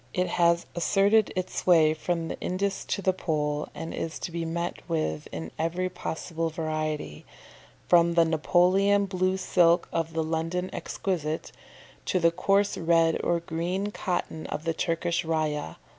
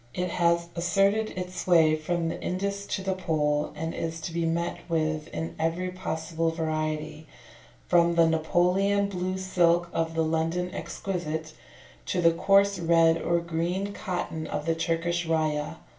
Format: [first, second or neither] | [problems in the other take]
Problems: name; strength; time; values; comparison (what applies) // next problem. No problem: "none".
first | room echo; dies away in 0.3 s